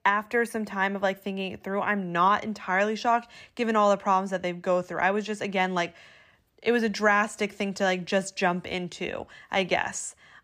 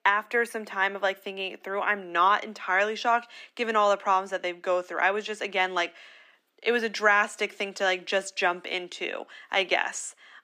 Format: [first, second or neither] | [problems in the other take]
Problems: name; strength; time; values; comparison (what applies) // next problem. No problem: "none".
first | thin; somewhat; fading below 250 Hz